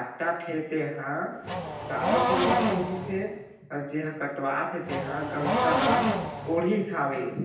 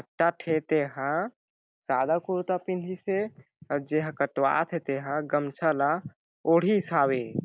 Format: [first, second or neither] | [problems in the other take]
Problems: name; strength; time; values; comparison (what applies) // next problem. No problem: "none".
second | background sound (Race car, auto racing / Accelerating, revving, vroom); 1 dB above the speech // room echo; dies away in 0.9 s